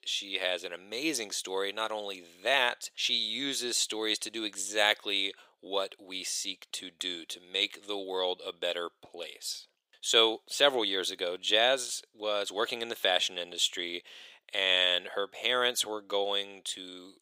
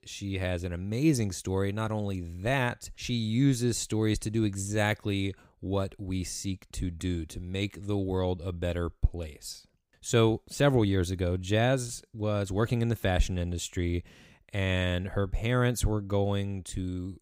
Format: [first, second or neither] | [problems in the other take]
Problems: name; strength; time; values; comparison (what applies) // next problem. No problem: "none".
second | thin; very; fading below 500 Hz